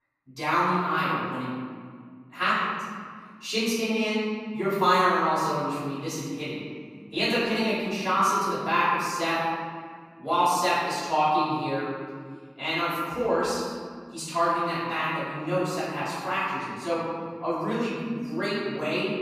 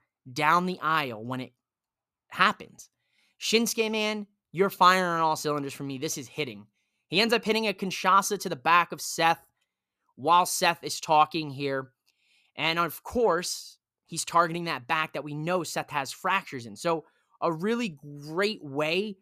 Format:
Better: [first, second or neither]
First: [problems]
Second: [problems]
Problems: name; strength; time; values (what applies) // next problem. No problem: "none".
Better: second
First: off-mic speech; far // room echo; strong; dies away in 1.9 s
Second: none